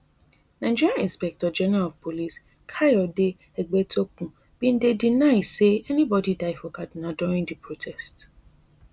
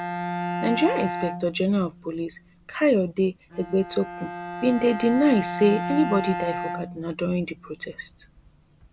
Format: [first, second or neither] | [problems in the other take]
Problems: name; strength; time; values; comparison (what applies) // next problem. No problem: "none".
first | background sound (Bowed string instrument); 8 dB below the speech